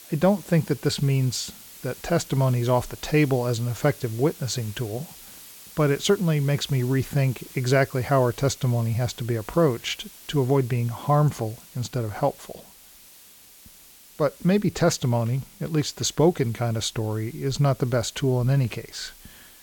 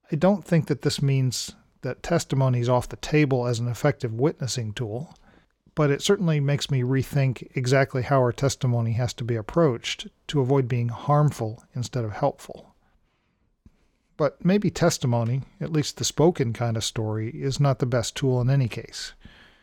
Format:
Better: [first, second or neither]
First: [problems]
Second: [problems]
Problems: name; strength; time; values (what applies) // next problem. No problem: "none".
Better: second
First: hiss; noticeable; throughout; 20 dB below the speech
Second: none